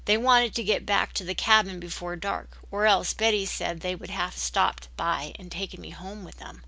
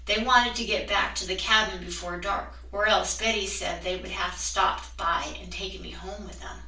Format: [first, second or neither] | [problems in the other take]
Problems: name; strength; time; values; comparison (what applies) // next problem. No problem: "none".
first | room echo; dies away in 0.3 s